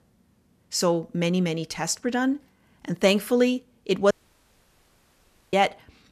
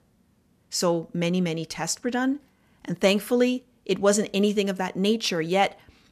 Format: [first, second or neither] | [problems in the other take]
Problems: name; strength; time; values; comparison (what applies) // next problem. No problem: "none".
second | audio cutting out; at 4 s for 1.5 s